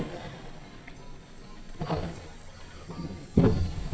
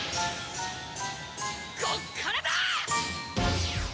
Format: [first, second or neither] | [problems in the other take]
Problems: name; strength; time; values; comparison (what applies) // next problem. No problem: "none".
second | noise reduction (neural mask model DeepFilterNet 3)